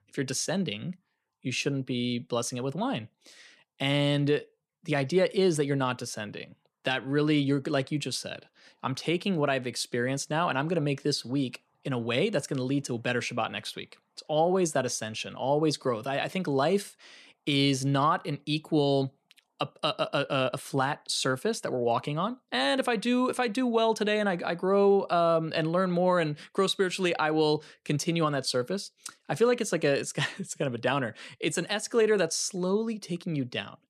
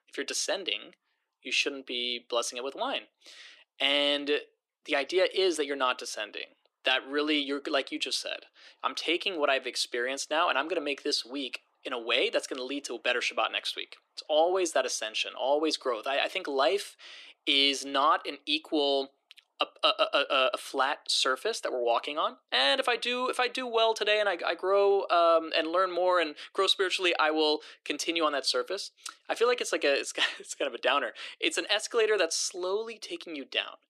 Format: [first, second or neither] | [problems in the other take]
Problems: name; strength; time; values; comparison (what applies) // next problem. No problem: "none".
first | thin; somewhat; fading below 300 Hz